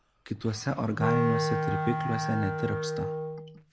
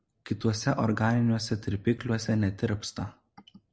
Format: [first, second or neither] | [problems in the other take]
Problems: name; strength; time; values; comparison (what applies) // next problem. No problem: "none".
second | background sound (Wind instrument, woodwind instrument); as loud as the speech